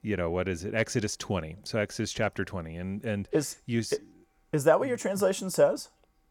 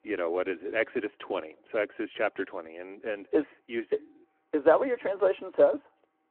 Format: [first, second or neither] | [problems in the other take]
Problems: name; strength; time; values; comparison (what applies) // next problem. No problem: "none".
first | phone-call audio